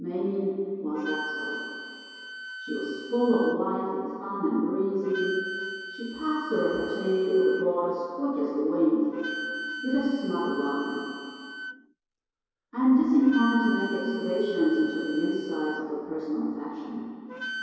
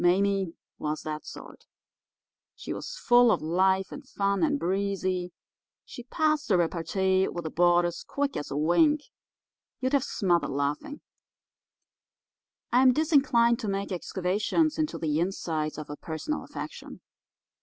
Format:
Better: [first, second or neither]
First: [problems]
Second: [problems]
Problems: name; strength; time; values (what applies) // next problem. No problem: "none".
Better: second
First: background sound (Wind instrument, woodwind instrument); 12 dB below the speech // room echo; dies away in 2.2 s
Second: none